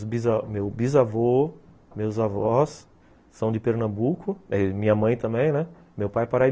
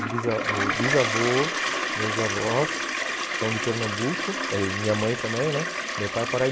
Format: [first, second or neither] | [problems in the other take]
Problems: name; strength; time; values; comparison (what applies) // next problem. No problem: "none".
first | background sound (Toilet flush); as loud as the speech